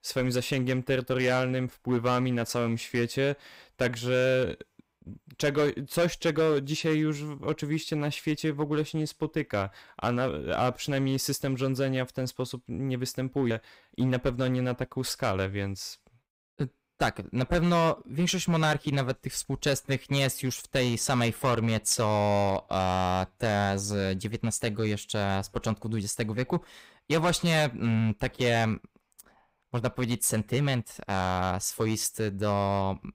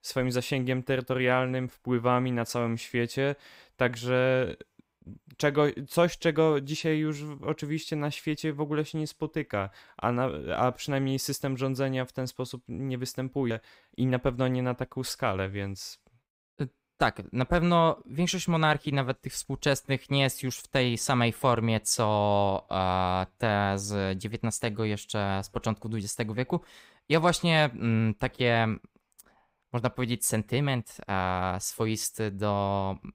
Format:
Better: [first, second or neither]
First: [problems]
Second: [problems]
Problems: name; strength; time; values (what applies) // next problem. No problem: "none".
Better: second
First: distortion; slight; 5% of the sound clipped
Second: none